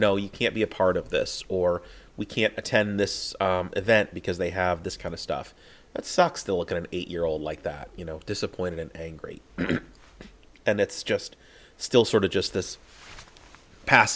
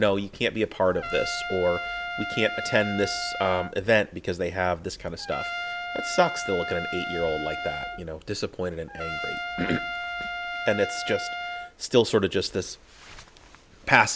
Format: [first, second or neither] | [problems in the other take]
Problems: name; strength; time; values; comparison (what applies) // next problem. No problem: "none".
first | background sound (Trumpet); 6 dB below the speech